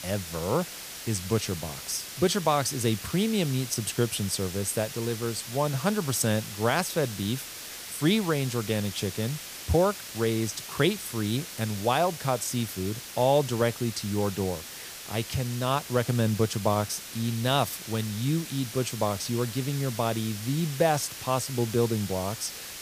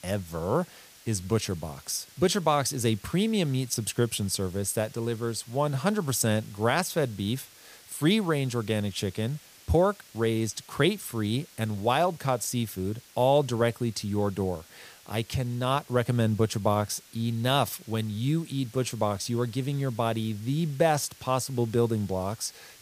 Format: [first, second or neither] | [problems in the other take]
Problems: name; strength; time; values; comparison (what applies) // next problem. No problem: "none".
second | hiss; loud; throughout; 9 dB below the speech; faint in the second